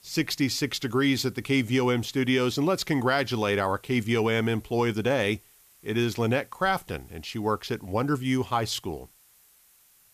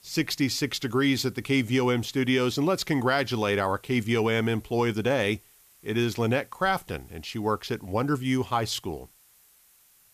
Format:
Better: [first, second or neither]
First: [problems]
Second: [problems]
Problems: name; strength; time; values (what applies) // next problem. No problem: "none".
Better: neither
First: hiss; faint; throughout; 30 dB below the speech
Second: hiss; faint; throughout; 30 dB below the speech